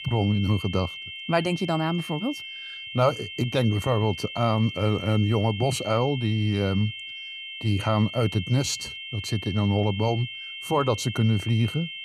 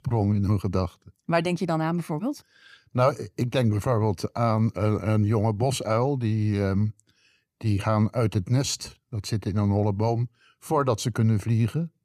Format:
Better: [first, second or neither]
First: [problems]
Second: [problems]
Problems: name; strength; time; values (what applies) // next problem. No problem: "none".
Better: second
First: high-pitched whine; loud; throughout; 3 kHz, 9 dB below the speech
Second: none